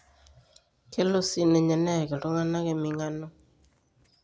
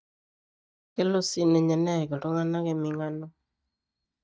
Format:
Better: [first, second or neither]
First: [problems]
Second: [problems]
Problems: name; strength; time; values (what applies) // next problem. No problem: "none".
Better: first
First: none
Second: noise reduction (neural mask model DeepFilterNet 3)